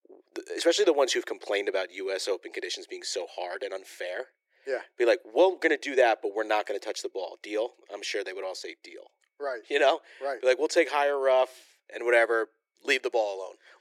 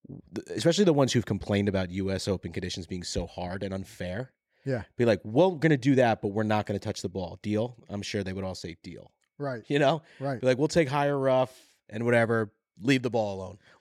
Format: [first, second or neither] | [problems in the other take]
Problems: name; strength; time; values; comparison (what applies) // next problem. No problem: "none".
second | thin; very; fading below 350 Hz